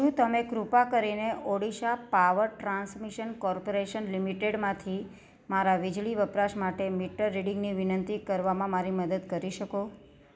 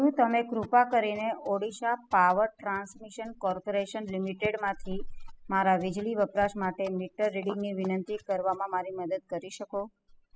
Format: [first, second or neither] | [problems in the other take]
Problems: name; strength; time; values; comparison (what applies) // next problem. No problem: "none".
first | noise reduction (classical method spectral subtraction)